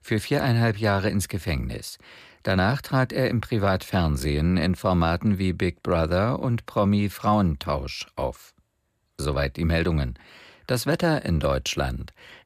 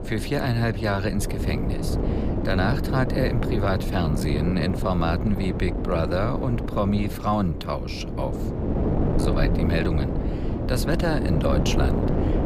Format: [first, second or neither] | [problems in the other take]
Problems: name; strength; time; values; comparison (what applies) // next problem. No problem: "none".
first | wind noise on the microphone; heavy; 4 dB below the speech